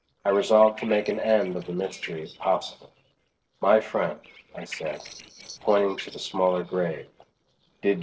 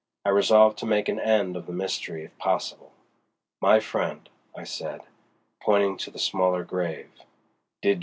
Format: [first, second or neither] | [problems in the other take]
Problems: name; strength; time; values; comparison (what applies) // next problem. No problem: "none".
second | noise reduction (neural separator model SepFormer DNS4)